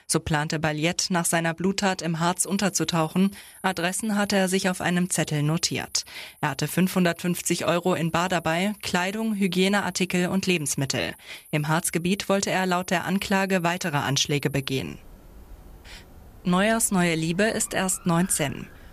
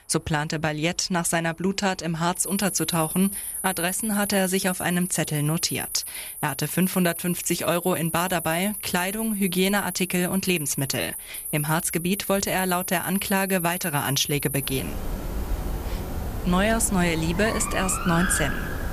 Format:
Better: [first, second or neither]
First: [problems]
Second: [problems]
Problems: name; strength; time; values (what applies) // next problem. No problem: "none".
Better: first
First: animal sounds; faint; throughout; 25 dB below the speech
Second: animal sounds; loud; throughout; 6 dB below the speech